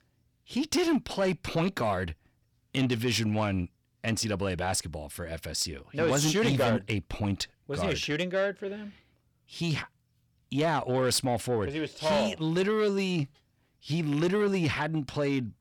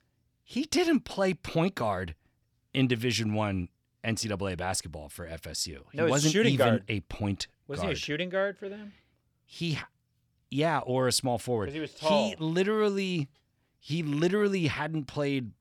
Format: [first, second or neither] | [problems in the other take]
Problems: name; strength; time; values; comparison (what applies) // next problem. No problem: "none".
second | distortion; slight; 10 dB below the speech